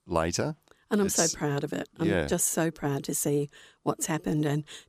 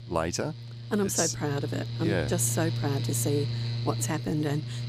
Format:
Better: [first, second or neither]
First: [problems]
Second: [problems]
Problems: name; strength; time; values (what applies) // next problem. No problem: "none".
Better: first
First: none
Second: machinery noise; loud; throughout; 4 dB below the speech